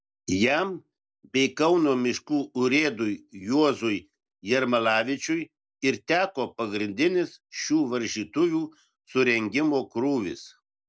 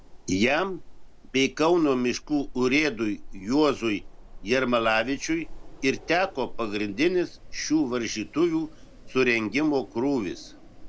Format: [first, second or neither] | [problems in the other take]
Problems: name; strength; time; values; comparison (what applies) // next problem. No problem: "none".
first | background sound (Wind); 15 dB below the speech